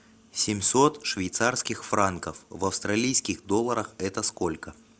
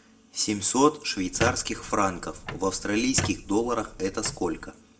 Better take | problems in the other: first | background sound (Squeak); 9 dB below the speech // room echo; dies away in 0.4 s

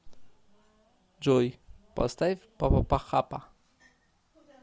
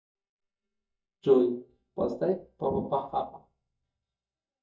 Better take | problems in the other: first | noise reduction (neural mask model DeepFilterNet 3)

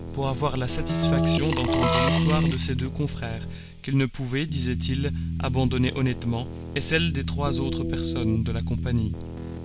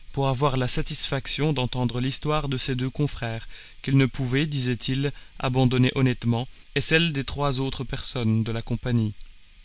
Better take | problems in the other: second | background sound (Keyboard (musical) + Coin (dropping) / Glass); as loud as the speech

